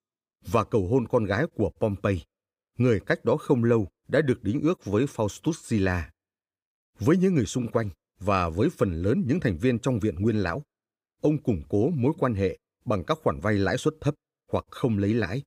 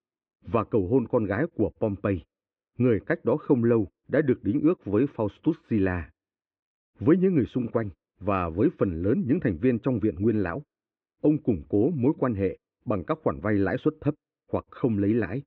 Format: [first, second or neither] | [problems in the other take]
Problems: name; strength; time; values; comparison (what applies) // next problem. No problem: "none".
first | muffled; very; fading above 2.5 kHz